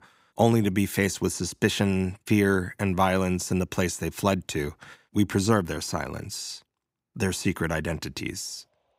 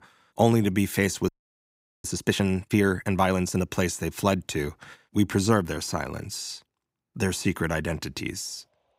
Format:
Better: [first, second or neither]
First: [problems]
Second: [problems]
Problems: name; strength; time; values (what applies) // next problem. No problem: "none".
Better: first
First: none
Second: audio freezing; at 1.5 s for 1 s